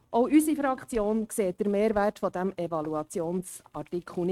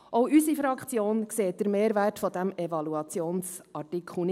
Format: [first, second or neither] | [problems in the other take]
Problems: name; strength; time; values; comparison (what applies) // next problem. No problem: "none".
second | noise reduction (neural mask model RNNoise)